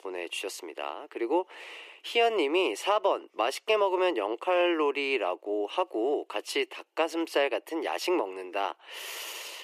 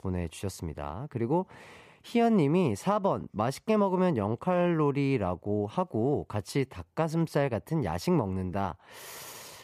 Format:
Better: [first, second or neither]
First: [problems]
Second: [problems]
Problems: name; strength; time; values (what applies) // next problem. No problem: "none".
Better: second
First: thin; very; fading below 350 Hz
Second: none